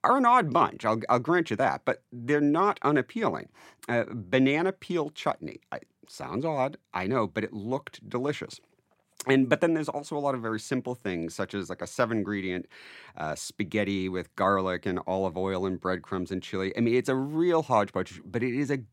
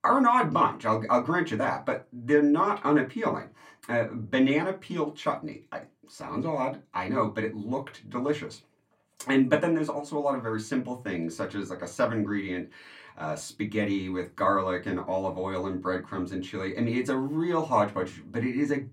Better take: first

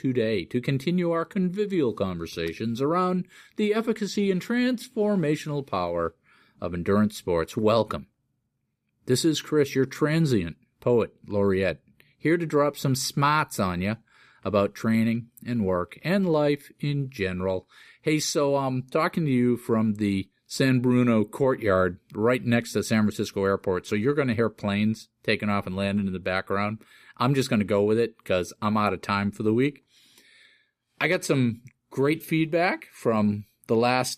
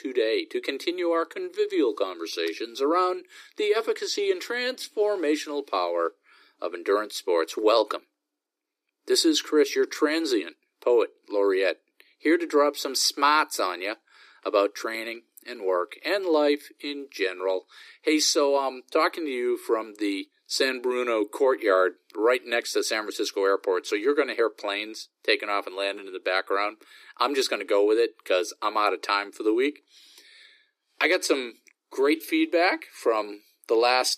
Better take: first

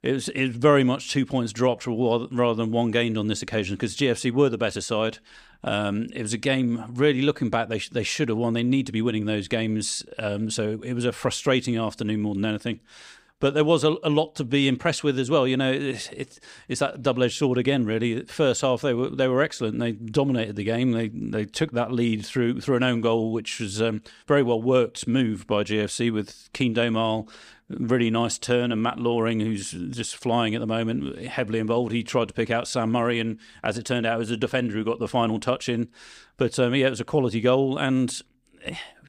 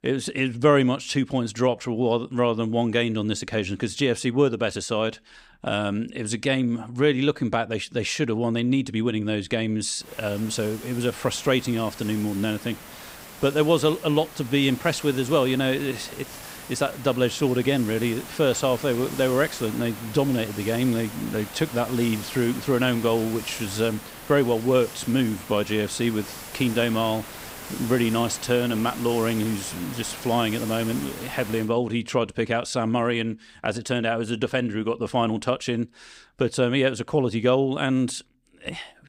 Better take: first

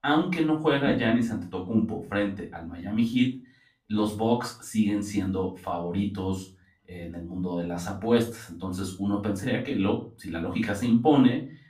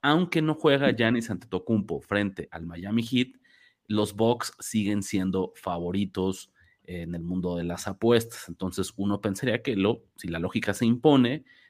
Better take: second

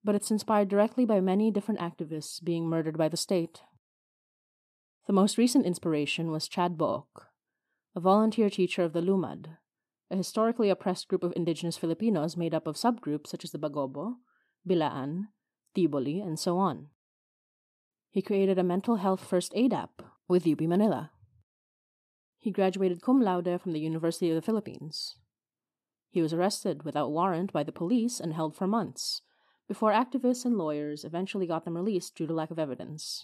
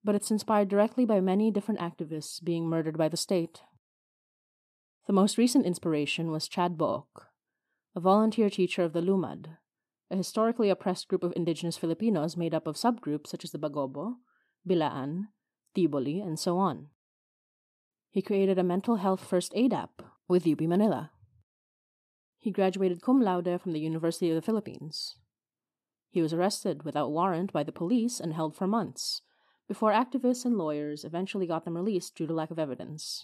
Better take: neither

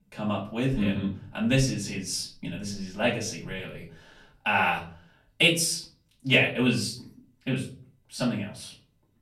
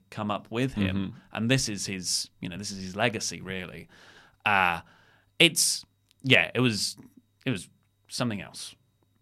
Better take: second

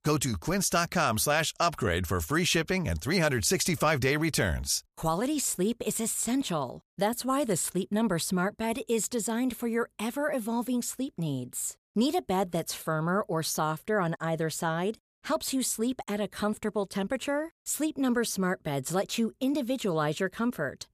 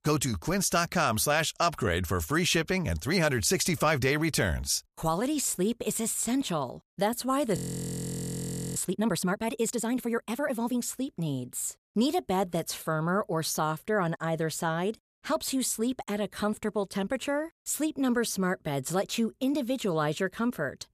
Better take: first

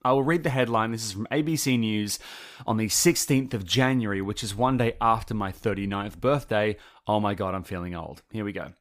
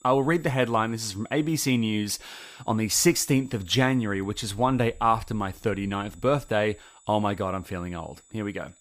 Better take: first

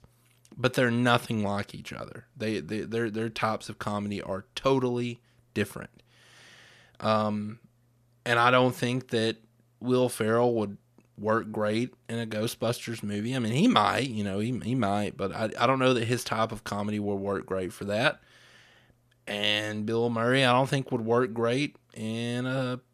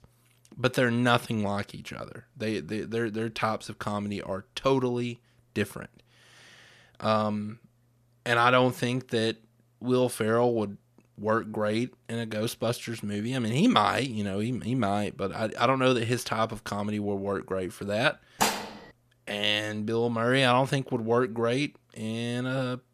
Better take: first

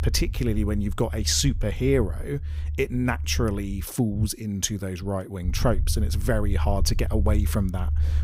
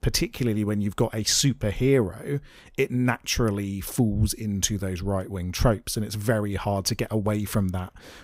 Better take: second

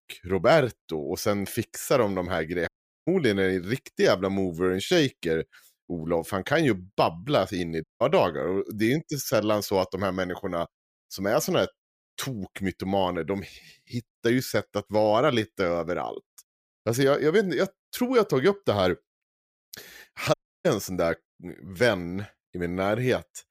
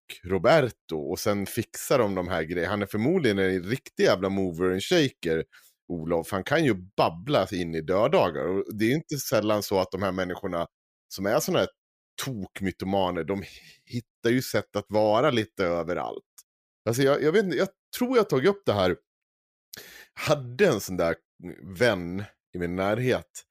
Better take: second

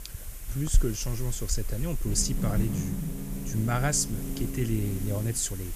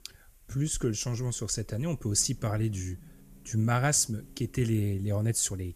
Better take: second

